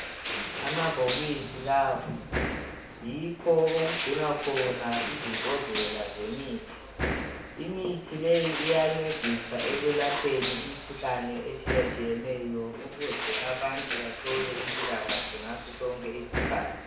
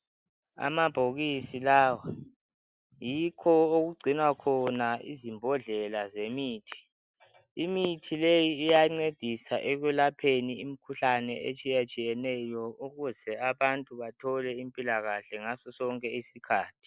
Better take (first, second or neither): second